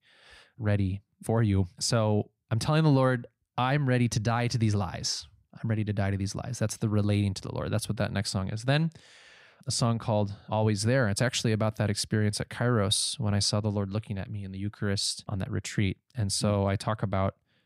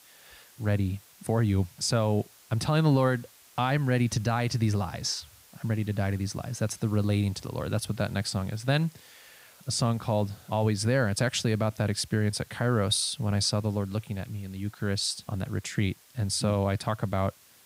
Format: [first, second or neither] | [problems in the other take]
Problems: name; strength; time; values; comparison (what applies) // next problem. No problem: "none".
first | hiss; faint; throughout; 25 dB below the speech